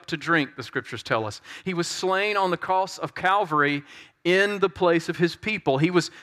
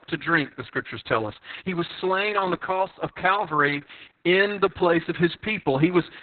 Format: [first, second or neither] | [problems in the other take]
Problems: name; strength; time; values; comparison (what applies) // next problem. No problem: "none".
first | garbled, watery; badly; nothing above 4 kHz